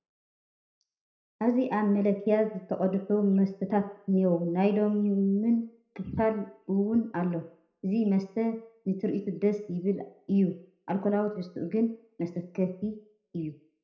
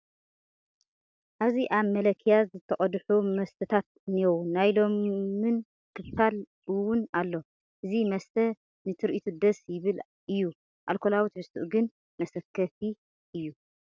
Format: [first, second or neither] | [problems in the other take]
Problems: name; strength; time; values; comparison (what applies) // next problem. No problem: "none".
second | room echo; dies away in 0.5 s